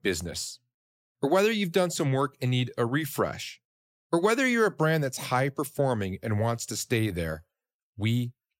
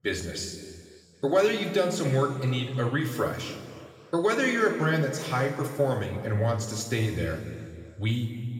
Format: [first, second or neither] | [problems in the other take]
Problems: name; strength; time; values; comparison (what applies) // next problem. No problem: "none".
first | room echo; noticeable; dies away in 2 s // off-mic speech; somewhat distant